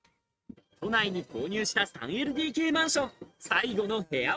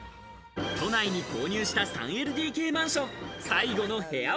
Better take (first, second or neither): second